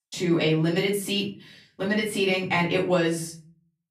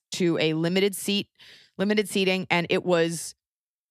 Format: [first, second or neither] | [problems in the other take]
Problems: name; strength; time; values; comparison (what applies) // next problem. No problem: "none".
second | off-mic speech; far // room echo; slight; dies away in 0.4 s